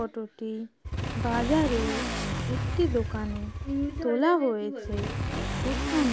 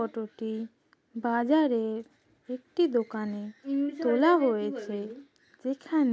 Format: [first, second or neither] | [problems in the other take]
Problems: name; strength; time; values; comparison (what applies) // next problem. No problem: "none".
second | background sound (Motorcycle / Accelerating, revving, vroom); 3 dB below the speech